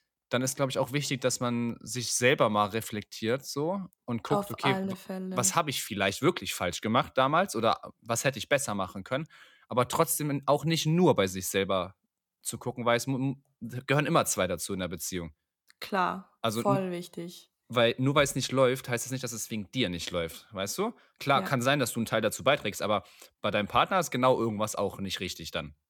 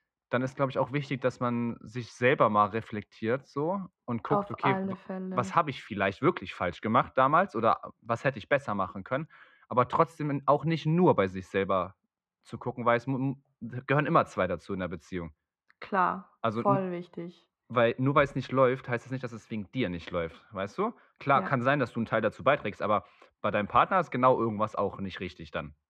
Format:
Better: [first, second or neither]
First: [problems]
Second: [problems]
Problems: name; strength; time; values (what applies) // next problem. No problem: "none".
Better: first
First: none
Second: muffled; very; fading above 2 kHz